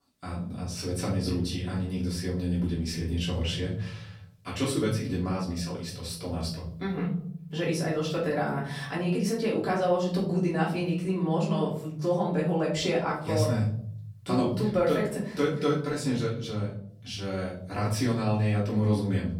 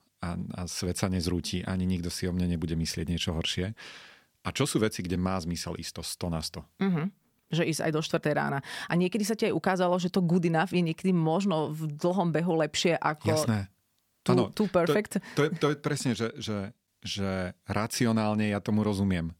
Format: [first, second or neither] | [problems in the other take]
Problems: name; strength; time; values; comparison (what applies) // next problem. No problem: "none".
second | off-mic speech; far // room echo; noticeable; dies away in 1 s